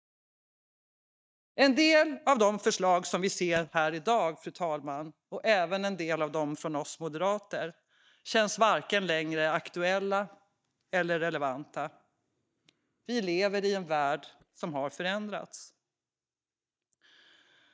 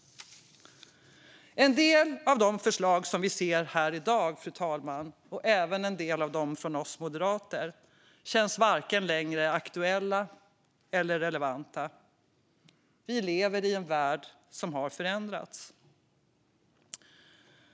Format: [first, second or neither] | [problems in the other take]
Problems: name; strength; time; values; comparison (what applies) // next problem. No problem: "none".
second | noise reduction (neural mask model DeepFilterNet 3)